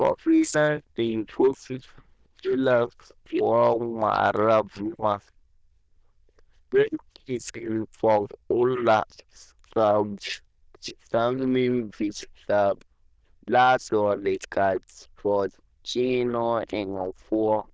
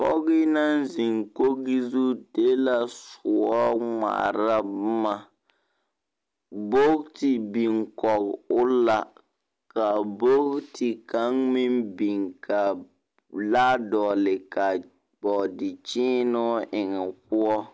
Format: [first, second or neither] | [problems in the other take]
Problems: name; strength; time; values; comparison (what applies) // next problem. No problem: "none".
second | noise reduction (neural diffusion model UNIVERSE++)